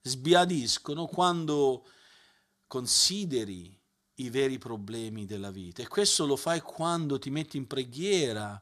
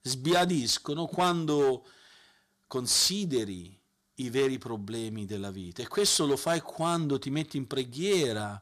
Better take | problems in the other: first | distortion; slight; 4% of the sound clipped

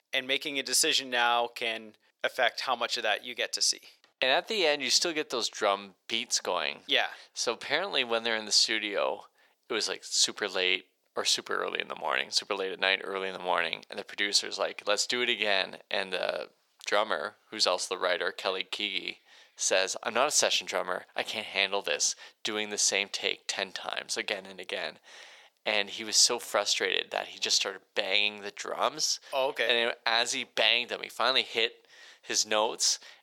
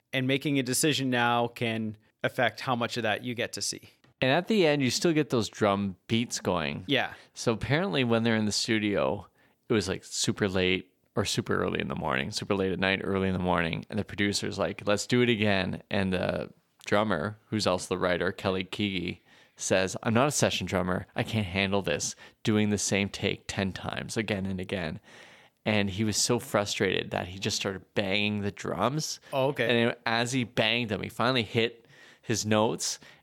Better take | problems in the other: second | thin; very; fading below 600 Hz

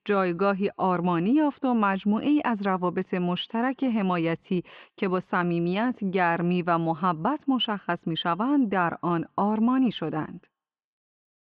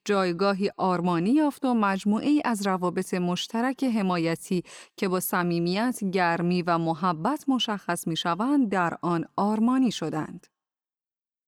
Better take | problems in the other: second | muffled; very; fading above 3 kHz

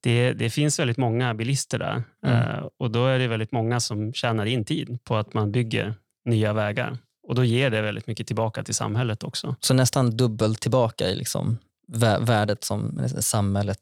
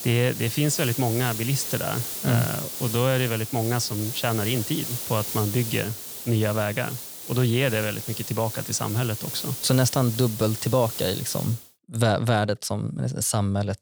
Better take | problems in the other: first | hiss; loud; until 12 s; 5 dB below the speech

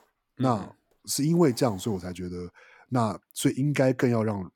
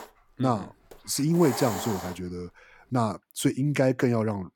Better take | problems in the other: first | hiss; loud; until 3 s; 9 dB below the speech; faint in the first

